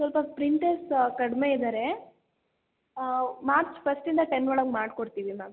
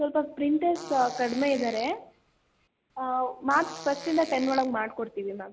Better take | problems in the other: first | background sound (Fart); 17 dB below the speech

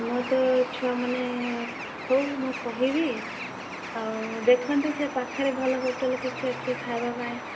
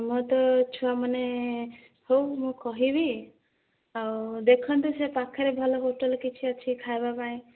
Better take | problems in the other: second | background sound (Bird); 8 dB below the speech

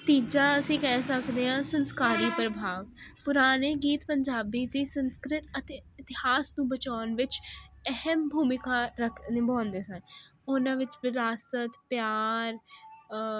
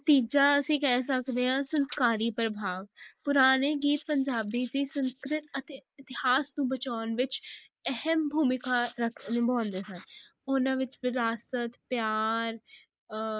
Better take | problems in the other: first | noise reduction (neural mask model Resemble Enhance denoiser)

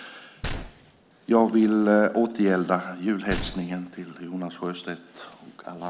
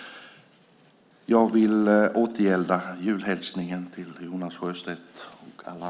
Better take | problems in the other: second | background sound (Gunshot, gunfire); 14 dB below the speech

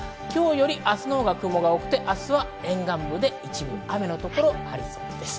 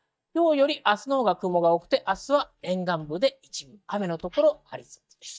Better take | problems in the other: first | noise reduction (neural mask model DeepFilterNet 3)

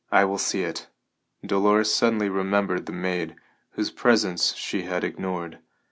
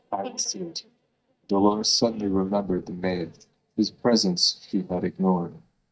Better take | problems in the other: first | noise reduction (neural mask model DeepFilterNet 3)

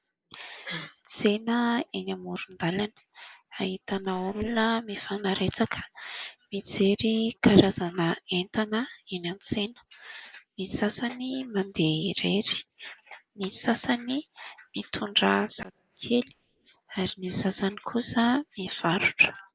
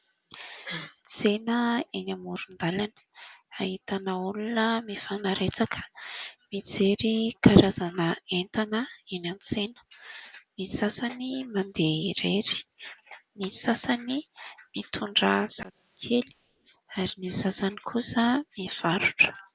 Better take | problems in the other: second | noise reduction (neural mask model Resemble Enhance denoiser)

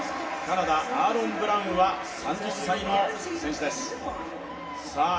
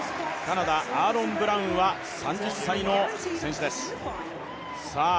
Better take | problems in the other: second | room echo; dies away in 0.7 s

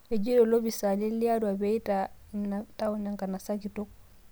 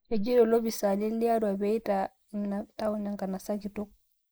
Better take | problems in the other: first | noise reduction (neural mask model Resemble Enhance denoiser)

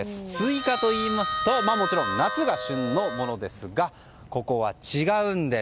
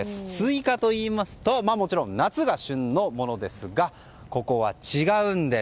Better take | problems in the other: second | background sound (Harmonica); 3 dB below the speech

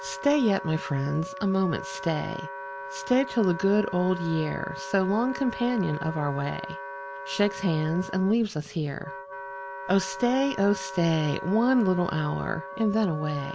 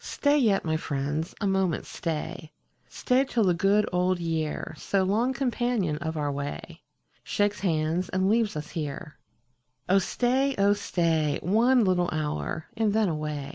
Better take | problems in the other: second | background sound (Wind instrument, woodwind instrument); 11 dB below the speech

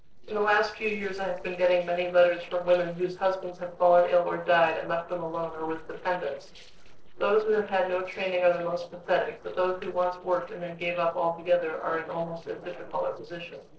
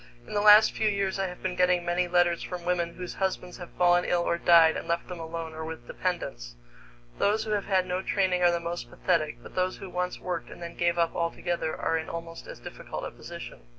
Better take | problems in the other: second | noise reduction (neural separator model SepFormer DNS4)

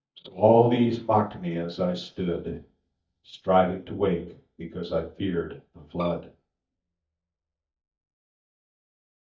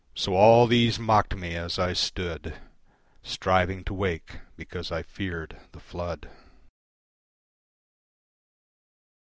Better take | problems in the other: second | noise reduction (neural mask model DeepFilterNet 3)

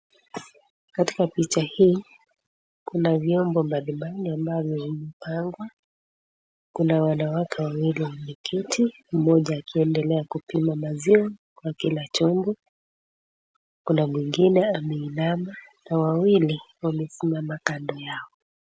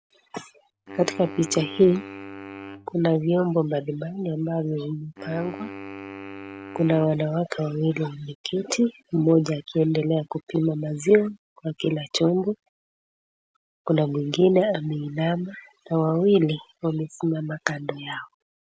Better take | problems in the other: first | background sound (Wind instrument, woodwind instrument); 16 dB below the speech

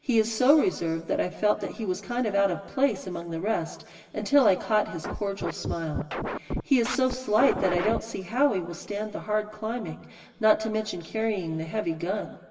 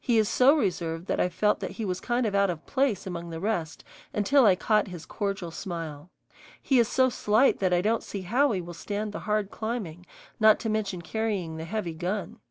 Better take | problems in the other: second | background sound (Scratching (performance technique)); 6 dB below the speech // room echo; dies away in 1.3 s

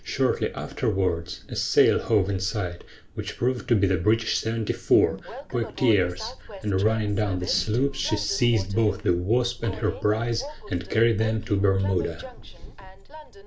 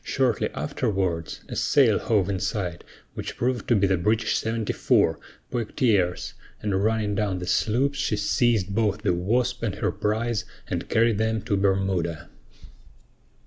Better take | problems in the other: second | background sound (Train); 16 dB below the speech // room echo; dies away in 0.3 s

